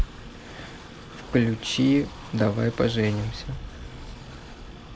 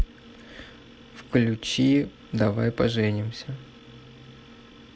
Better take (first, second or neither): second